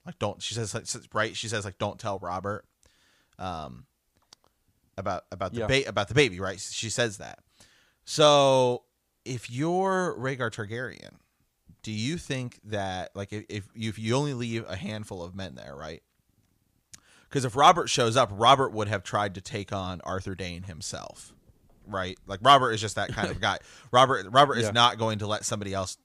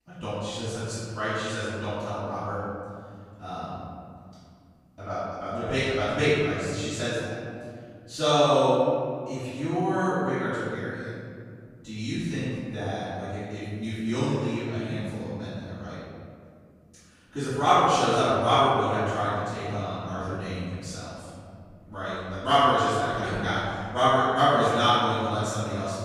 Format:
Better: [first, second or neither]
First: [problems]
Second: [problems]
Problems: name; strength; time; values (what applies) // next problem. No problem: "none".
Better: first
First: none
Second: room echo; strong; dies away in 2.4 s // off-mic speech; far